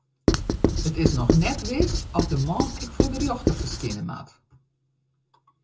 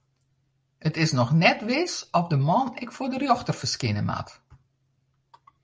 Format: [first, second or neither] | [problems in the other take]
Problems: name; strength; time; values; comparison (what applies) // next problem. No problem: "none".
second | background sound (Writing); 4 dB above the speech // room echo; dies away in 0.2 s